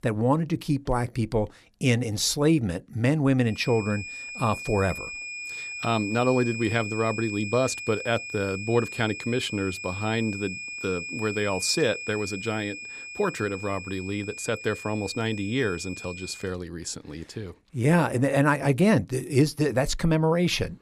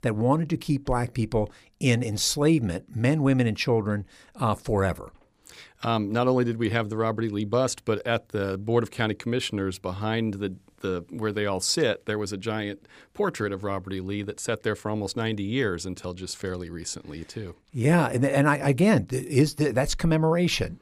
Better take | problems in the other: second | high-pitched whine; loud; from 3.5 to 16 s; 2.5 kHz, 9 dB below the speech

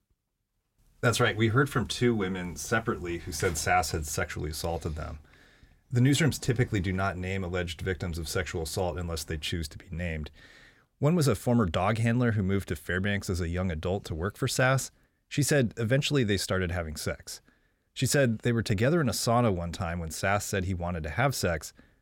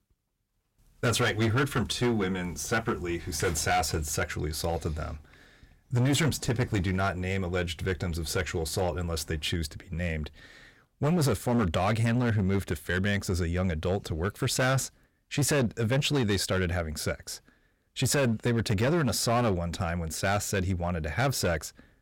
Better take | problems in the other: first | distortion; slight; 8% of the sound clipped

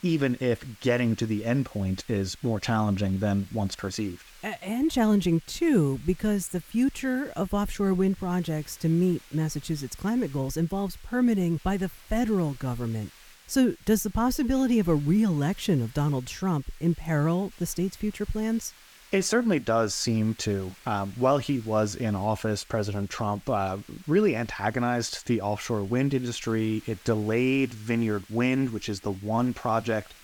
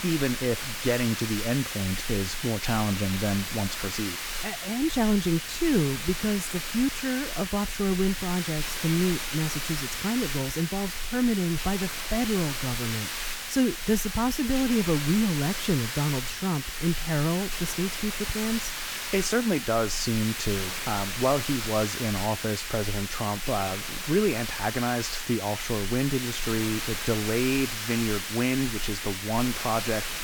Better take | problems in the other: first | hiss; loud; throughout; 3 dB below the speech; faint in the first

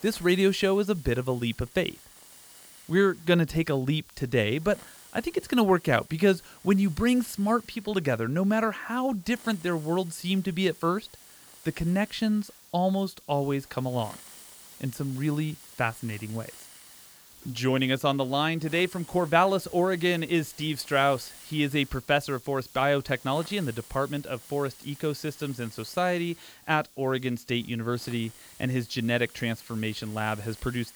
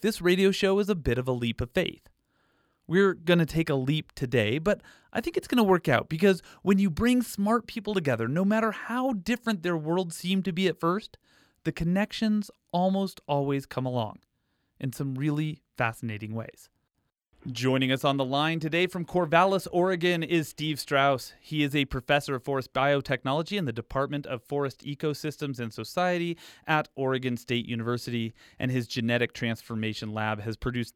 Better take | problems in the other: second | hiss; faint; throughout; 20 dB below the speech

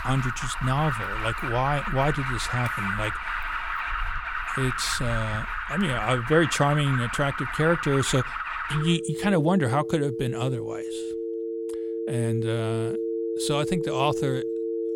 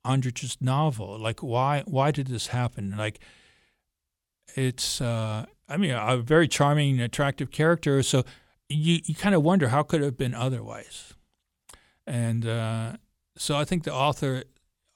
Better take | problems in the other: second | alarms or sirens; loud; throughout; 4 dB below the speech

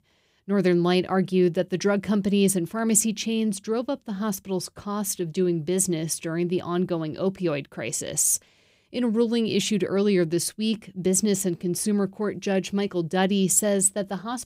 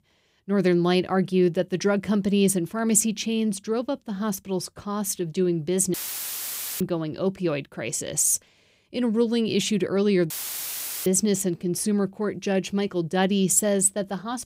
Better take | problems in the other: first | audio cutting out; filled with static; at 6 s for 1 s and at 10 s for 1 s

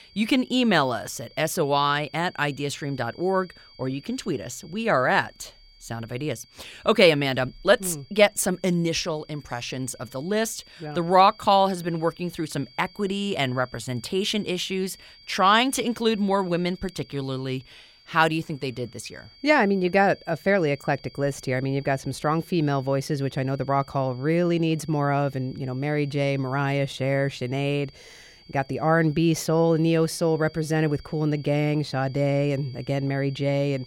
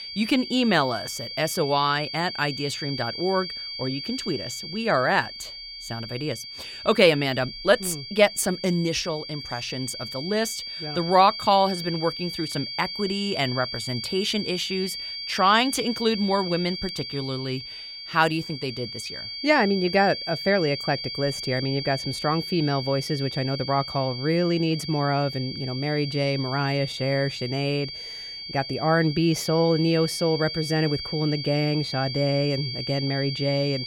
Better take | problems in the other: first | high-pitched whine; loud; throughout; 4.5 kHz, 7 dB below the speech; faint in the first

